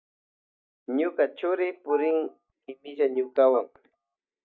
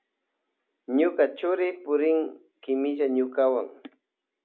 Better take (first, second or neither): second